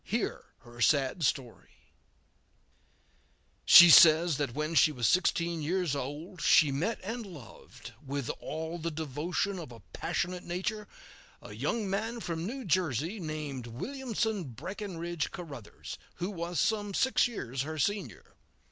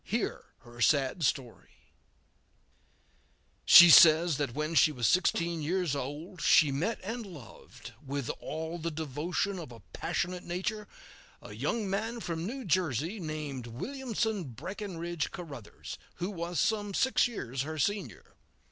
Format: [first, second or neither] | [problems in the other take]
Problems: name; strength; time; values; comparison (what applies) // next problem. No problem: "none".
first | background sound (Snare drum); 19 dB below the speech